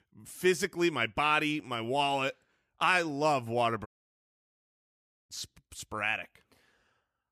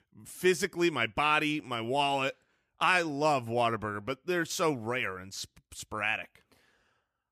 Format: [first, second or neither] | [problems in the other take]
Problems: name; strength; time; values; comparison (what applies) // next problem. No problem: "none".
second | audio cutting out; at 4 s for 1.5 s